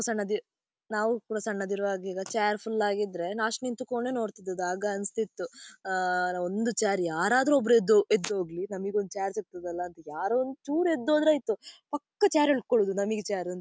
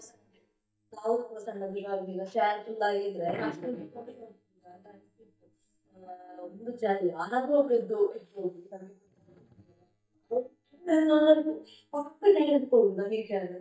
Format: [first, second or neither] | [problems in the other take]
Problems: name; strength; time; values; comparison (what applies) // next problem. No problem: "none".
first | noise reduction (neural mask model DeepFilterNet 3)